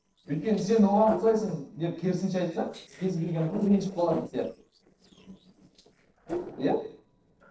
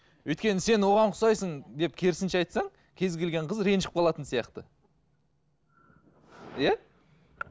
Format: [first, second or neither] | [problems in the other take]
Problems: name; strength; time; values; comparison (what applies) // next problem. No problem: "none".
second | noise reduction (neural separator model SepFormer DNS4)